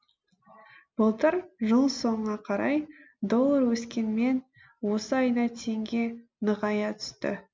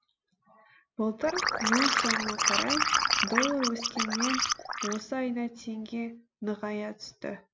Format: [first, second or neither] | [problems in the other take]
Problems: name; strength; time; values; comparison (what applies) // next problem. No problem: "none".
first | background sound (Liquid); 5 dB above the speech